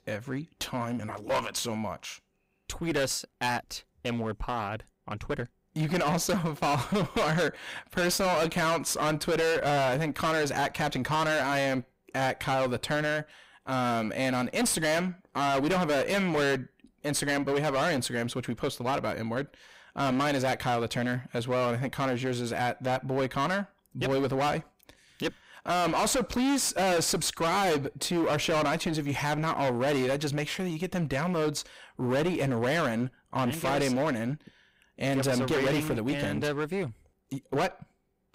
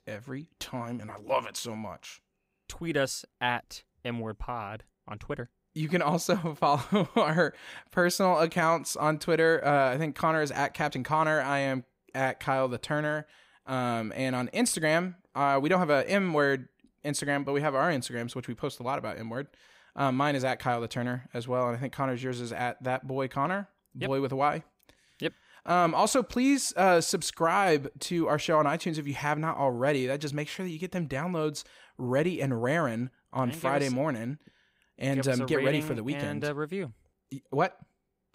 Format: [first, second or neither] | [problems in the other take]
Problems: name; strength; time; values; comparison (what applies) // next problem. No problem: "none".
second | distortion; heavy; 20% of the sound clipped